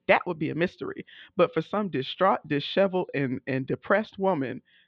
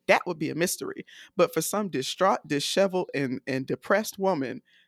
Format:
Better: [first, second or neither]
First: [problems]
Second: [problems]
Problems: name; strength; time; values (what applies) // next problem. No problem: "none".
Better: second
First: muffled; very; fading above 3.5 kHz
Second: none